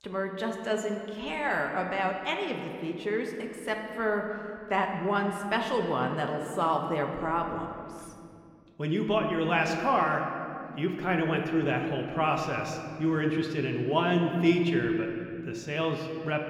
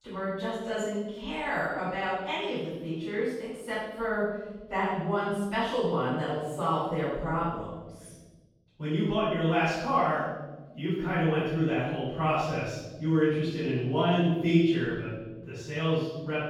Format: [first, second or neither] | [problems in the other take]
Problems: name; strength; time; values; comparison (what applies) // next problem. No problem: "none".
first | room echo; strong; dies away in 1.2 s; slight in the first // off-mic speech; far